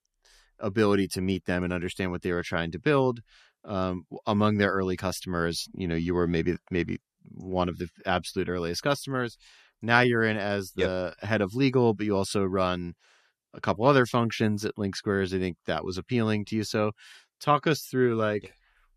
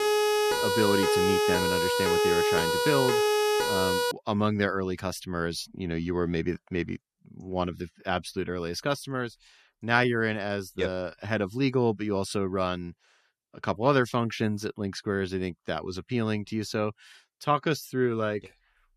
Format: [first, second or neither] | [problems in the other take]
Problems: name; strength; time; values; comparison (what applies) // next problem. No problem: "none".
first | siren; loud; until 4 s; peak 6 dB above the speech